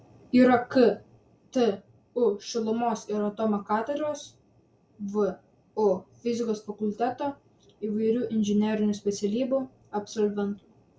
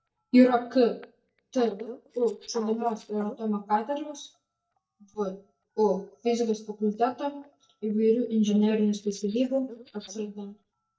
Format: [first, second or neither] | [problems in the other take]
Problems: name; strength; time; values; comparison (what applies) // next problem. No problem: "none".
first | noise reduction (neural mask model DeepFilterNet 3)